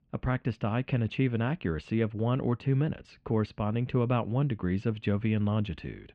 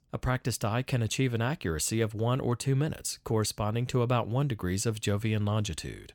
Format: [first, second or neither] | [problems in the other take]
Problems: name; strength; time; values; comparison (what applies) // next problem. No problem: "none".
second | muffled; very; fading above 3 kHz